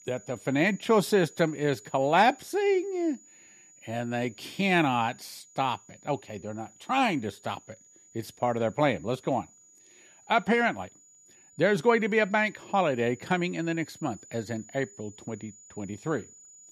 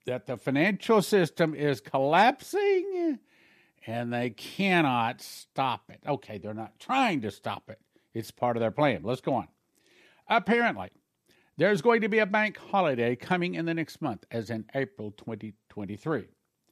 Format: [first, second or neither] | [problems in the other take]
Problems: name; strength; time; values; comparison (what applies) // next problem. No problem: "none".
second | high-pitched whine; faint; throughout; 7 kHz, 25 dB below the speech